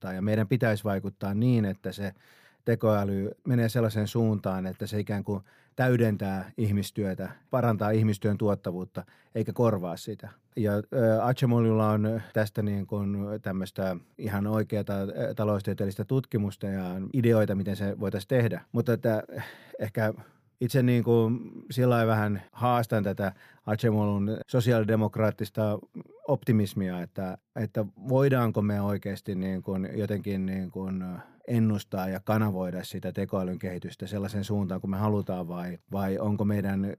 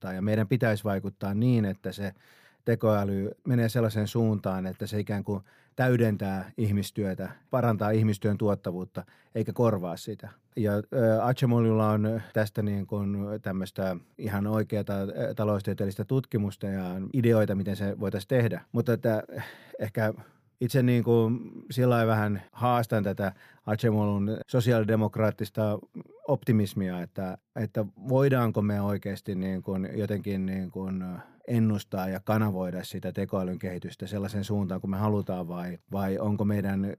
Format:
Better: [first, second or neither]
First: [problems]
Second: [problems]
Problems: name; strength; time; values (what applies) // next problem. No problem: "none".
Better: neither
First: none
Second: none